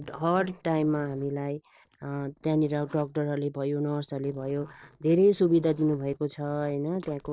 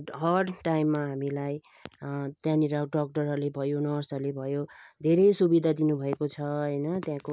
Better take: second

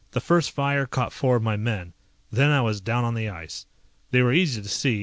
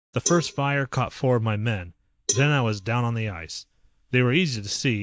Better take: first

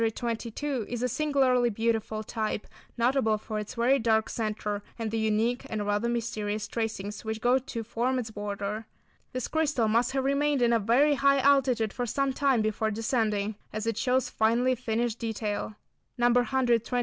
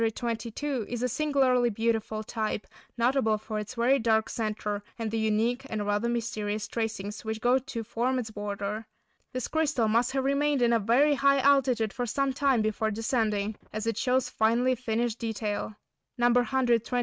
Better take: first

